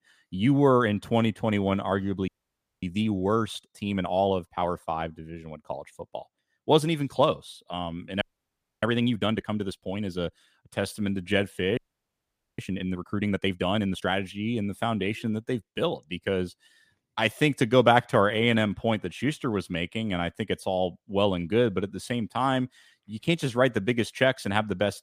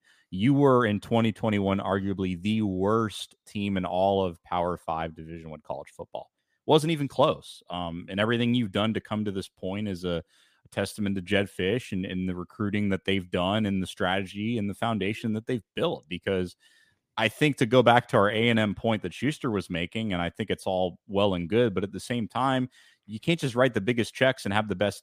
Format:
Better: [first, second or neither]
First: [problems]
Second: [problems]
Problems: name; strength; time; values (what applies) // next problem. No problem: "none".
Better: second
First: audio freezing; at 2.5 s for 0.5 s, at 8 s for 0.5 s and at 12 s for 1 s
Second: none